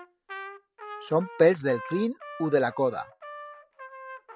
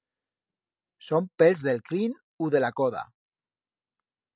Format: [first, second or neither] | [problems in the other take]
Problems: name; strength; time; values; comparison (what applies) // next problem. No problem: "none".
second | background sound (Trumpet); 15 dB below the speech